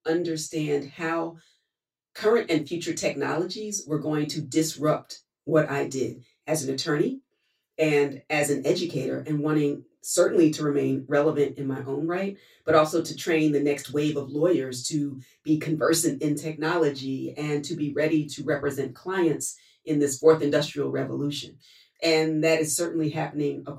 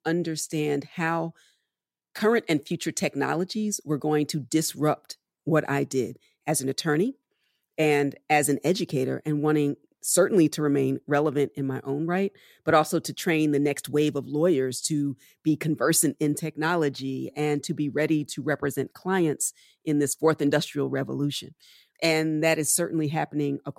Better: second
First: room echo; slight; dies away in 0.2 s // off-mic speech; far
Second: none

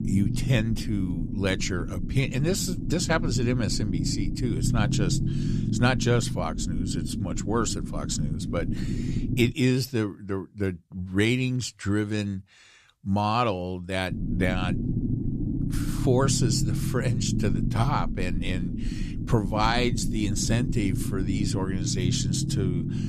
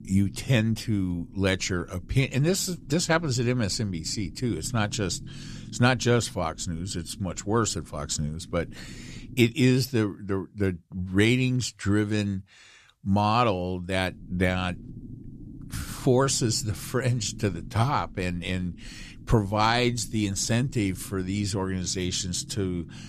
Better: second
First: low rumble; loud; until 9.5 s and from 14 s on; 8 dB below the speech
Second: low rumble; faint; until 9.5 s and from 14 s on; 25 dB below the speech

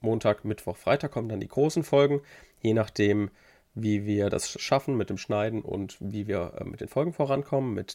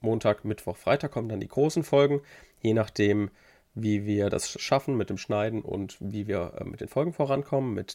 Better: neither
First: none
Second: none

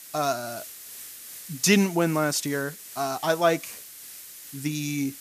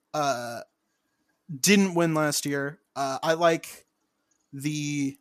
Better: second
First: hiss; noticeable; throughout; 15 dB below the speech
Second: none

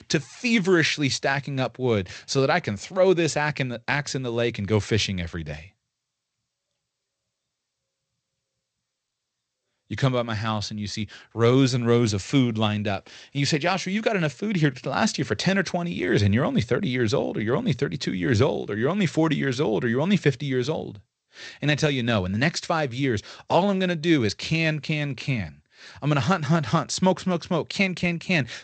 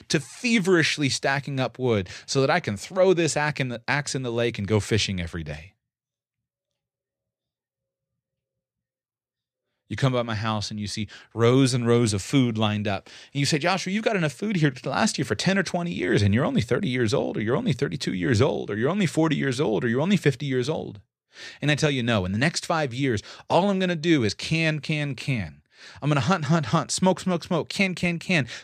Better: second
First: garbled, watery; slightly; nothing above 8 kHz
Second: none

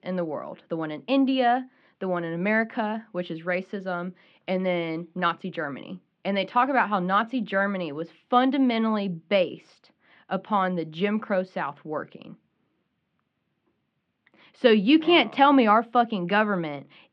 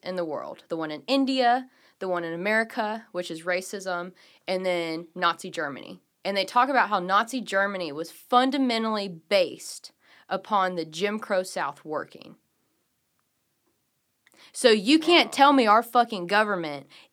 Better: second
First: muffled; slightly; fading above 3 kHz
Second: none

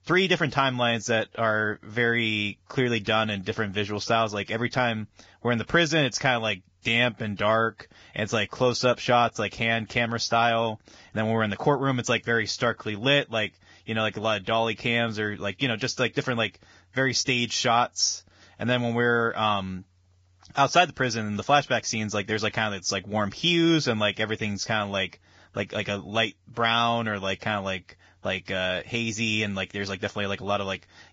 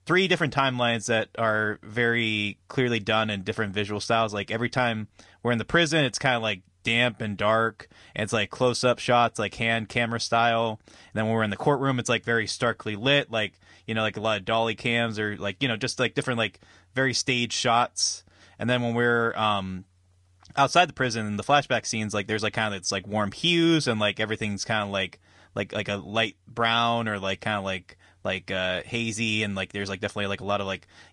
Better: second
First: garbled, watery; badly; nothing above 6 kHz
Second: garbled, watery; slightly

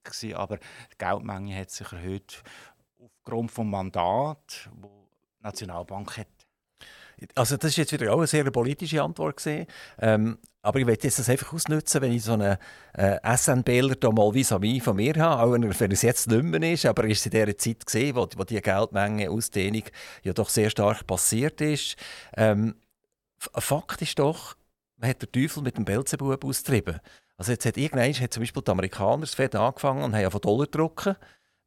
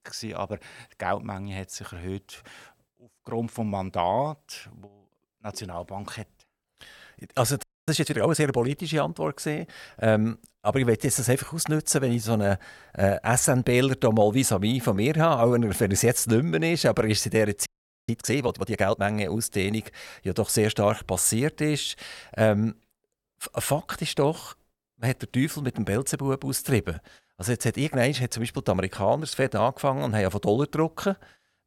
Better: first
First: none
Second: audio freezing; at 7.5 s and at 18 s

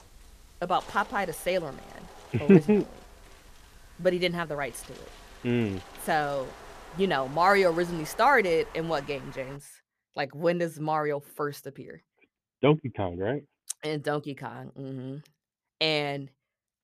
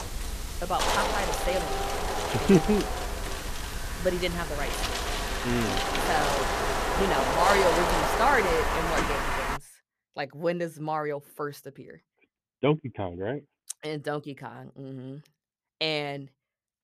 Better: first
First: wind noise on the microphone; occasional gusts; until 9.5 s; 20 dB below the speech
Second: wind noise on the microphone; heavy; until 9.5 s; 2 dB above the speech

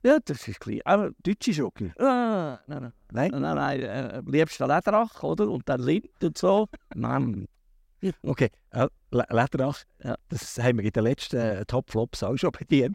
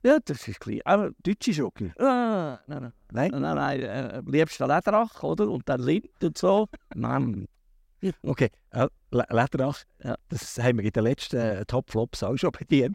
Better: neither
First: none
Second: none

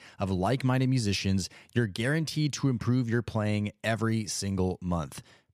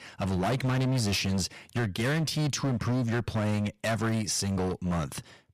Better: first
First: none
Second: distortion; heavy; 23% of the sound clipped

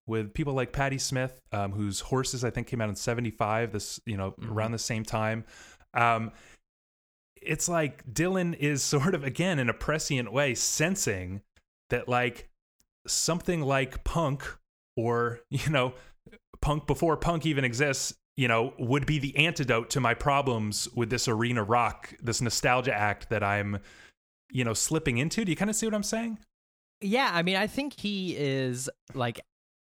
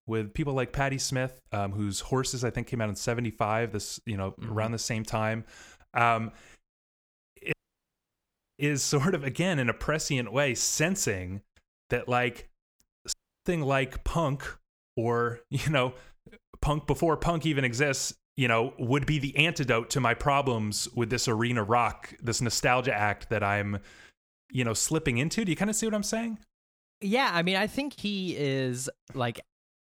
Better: first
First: none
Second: audio cutting out; at 7.5 s for 1 s and at 13 s

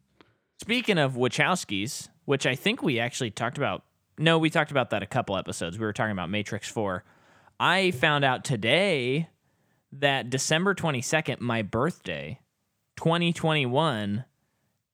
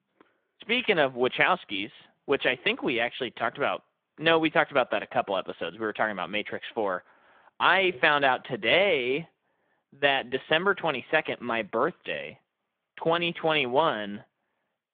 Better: first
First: none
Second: phone-call audio; nothing above 3.5 kHz

